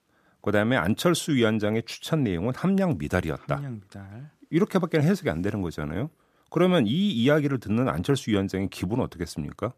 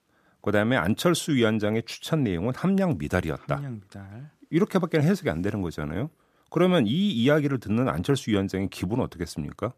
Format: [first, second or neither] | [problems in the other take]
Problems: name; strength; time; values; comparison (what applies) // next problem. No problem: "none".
neither | none